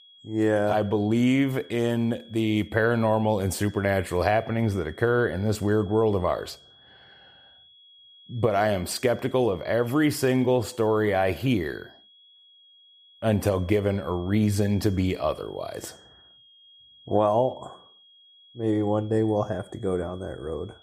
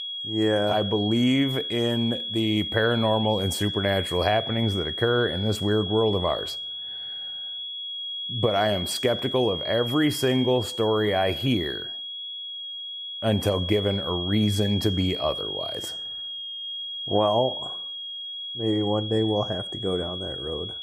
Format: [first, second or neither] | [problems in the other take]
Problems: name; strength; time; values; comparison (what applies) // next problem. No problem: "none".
first | high-pitched whine; loud; throughout; 3.5 kHz, 5 dB below the speech; faint in the first